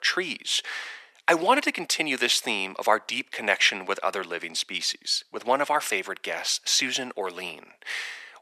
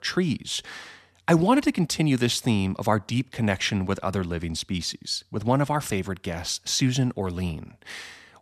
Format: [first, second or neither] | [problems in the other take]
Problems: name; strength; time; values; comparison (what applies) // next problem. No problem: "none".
second | thin; very; fading below 450 Hz